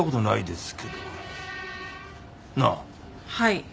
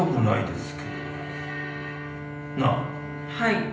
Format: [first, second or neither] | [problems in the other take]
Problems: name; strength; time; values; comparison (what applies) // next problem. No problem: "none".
first | background sound (Bowed string instrument); 8 dB below the speech // room echo; dies away in 0.8 s